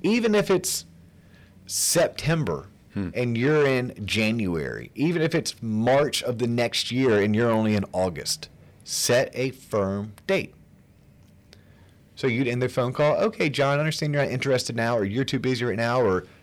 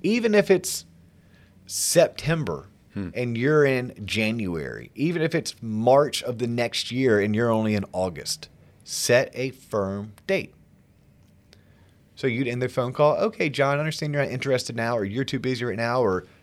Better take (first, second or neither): second